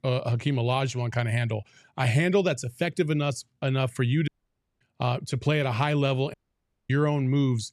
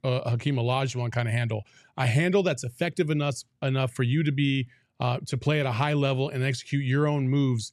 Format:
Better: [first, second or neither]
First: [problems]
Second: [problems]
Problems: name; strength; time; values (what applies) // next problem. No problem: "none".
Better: second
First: audio cutting out; at 4.5 s for 0.5 s and at 6.5 s for 0.5 s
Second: none